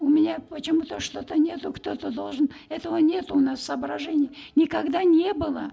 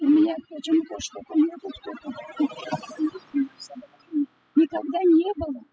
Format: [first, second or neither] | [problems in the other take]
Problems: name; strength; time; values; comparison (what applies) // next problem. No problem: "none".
first | noise reduction (classical method spectral subtraction)